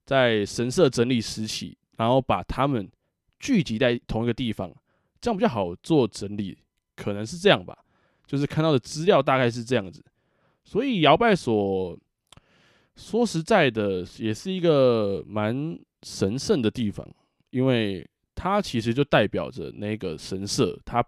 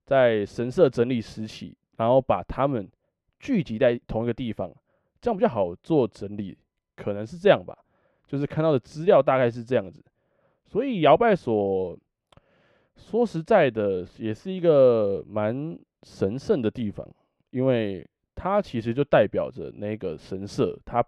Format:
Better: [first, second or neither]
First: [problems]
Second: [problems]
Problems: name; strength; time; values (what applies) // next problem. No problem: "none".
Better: first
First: none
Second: muffled; very; fading above 3.5 kHz